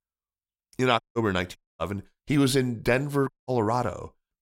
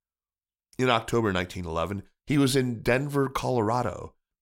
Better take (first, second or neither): second